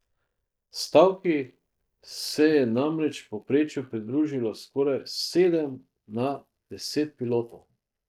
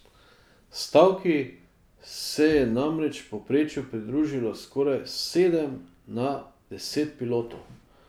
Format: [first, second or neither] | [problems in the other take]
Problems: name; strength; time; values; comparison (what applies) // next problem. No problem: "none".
second | noise reduction (neural mask model DeepFilterNet 3)